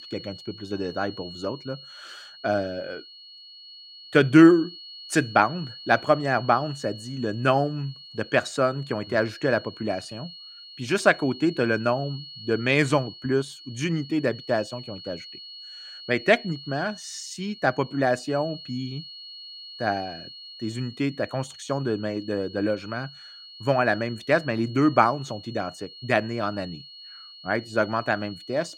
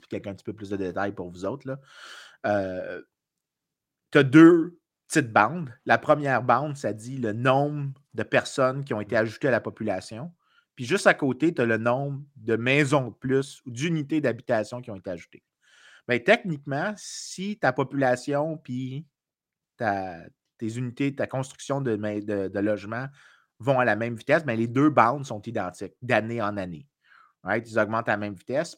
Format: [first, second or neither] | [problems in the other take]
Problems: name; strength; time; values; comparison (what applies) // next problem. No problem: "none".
second | high-pitched whine; noticeable; throughout; 4.5 kHz, 15 dB below the speech